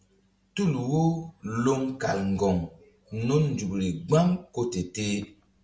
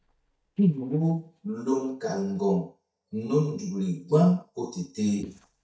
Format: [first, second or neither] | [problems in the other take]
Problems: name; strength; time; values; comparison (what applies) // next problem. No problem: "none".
first | noise reduction (neural mask model DeepFilterNet 3)